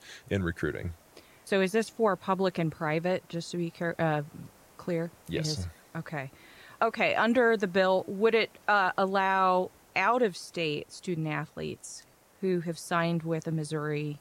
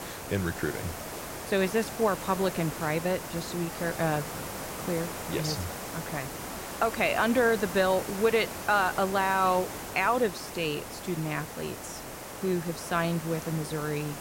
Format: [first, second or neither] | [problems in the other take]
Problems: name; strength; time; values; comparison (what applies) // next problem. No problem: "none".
first | hiss; loud; throughout; 8 dB below the speech; faint in the first